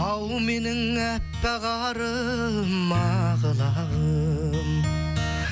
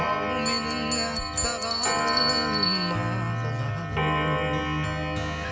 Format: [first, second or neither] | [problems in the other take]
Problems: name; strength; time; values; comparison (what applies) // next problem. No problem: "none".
first | background sound (Bell + Clock); 3 dB above the speech